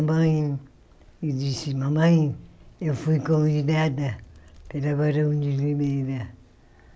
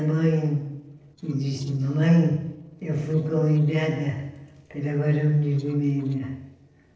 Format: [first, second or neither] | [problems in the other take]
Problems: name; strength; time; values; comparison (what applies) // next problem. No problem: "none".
first | noise reduction (neural separator model SepFormer DNS4)